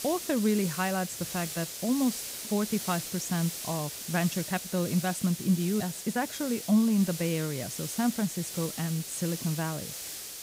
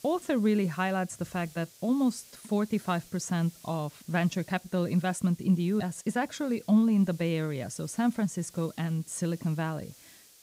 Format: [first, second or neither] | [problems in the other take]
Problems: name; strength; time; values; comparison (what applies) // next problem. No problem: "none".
second | hiss; loud; throughout; 6 dB below the speech; faint in the second